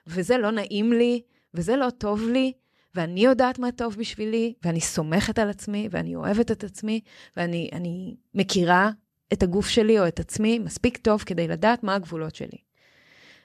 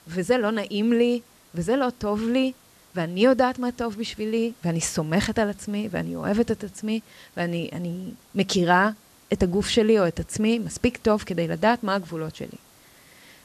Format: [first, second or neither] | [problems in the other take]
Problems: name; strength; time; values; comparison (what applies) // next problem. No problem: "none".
first | hiss; faint; throughout; 30 dB below the speech